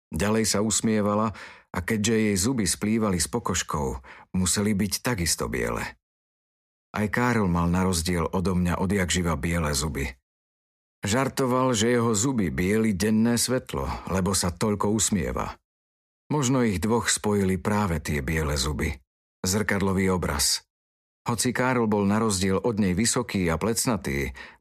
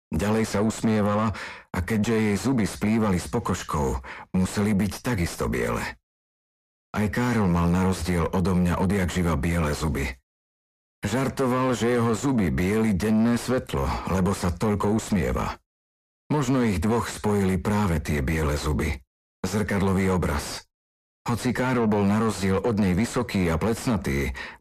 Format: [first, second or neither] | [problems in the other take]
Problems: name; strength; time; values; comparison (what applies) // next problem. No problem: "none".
first | distortion; heavy; 6 dB below the speech